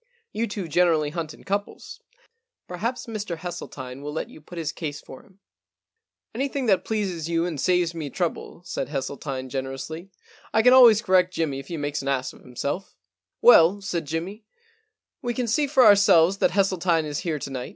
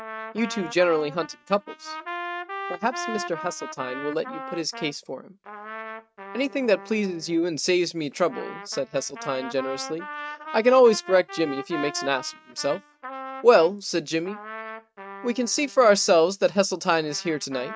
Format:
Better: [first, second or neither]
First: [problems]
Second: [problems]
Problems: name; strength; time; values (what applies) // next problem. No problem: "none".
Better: first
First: none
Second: noise reduction (neural mask model RNNoise)